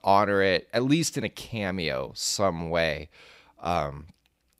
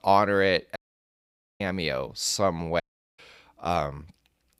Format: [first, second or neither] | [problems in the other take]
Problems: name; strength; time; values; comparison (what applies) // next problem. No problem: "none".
first | audio cutting out; at 1 s for 1 s and at 3 s